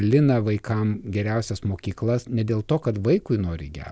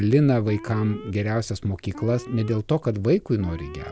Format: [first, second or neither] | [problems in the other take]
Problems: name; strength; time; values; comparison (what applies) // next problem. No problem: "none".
first | background sound (Alarm); 19 dB below the speech